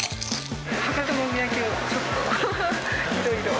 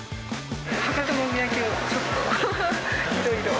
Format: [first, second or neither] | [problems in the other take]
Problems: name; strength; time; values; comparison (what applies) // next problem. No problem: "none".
second | background sound (Chewing, mastication); 14 dB below the speech